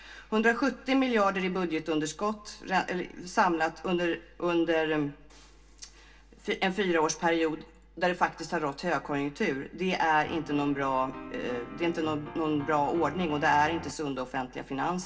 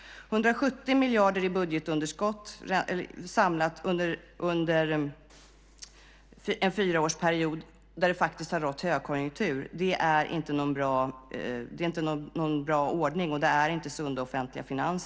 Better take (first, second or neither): second